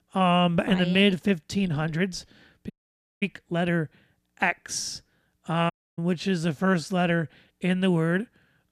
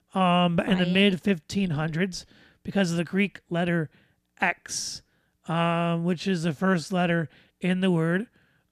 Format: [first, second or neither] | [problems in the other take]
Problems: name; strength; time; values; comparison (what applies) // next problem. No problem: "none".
second | audio cutting out; at 2.5 s for 0.5 s and at 5.5 s